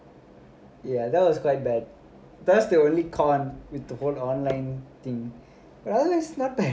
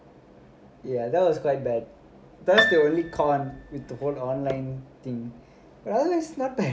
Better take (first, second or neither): first